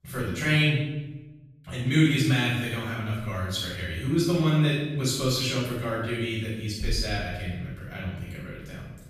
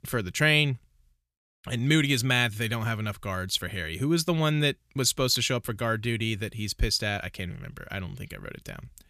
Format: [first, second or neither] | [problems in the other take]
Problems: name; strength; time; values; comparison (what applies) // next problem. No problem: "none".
second | room echo; strong; dies away in 1 s // off-mic speech; far